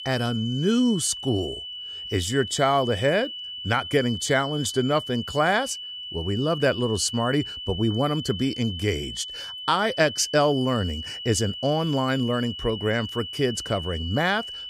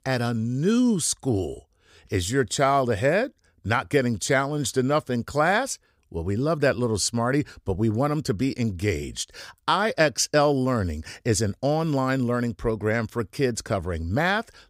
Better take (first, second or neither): second